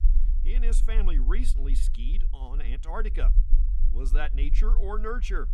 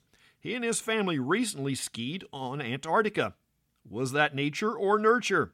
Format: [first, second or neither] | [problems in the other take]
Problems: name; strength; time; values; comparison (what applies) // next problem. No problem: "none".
second | low rumble; noticeable; throughout; 15 dB below the speech